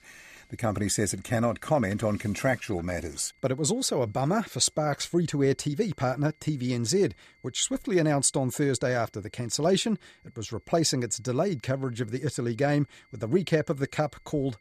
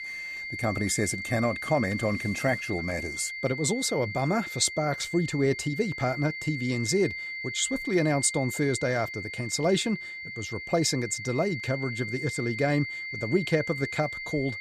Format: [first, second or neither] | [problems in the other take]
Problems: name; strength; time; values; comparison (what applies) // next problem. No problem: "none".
first | high-pitched whine; loud; throughout; 2 kHz, 6 dB below the speech; faint in the first